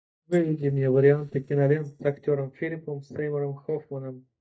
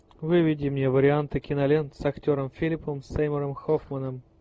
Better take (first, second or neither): second